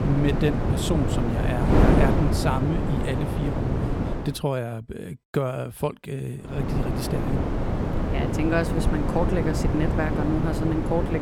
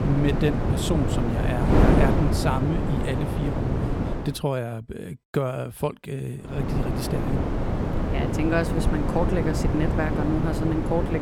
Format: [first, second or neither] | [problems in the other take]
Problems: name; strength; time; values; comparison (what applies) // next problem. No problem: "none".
neither | wind noise on the microphone; heavy; until 4.5 s and from 6.5 s on; as loud as the speech; the same in both